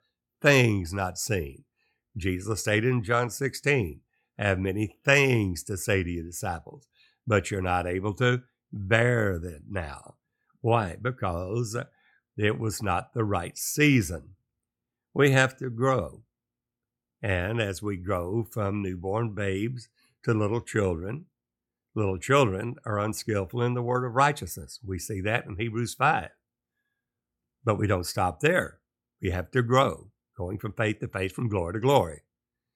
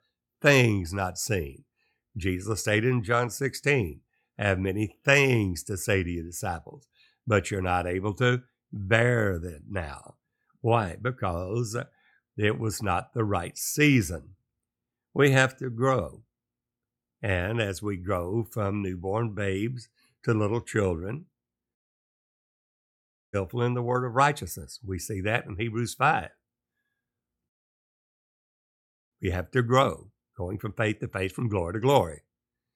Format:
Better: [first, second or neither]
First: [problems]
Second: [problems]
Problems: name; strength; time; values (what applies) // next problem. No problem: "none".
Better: first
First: none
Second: audio cutting out; at 22 s for 1.5 s and at 28 s for 1.5 s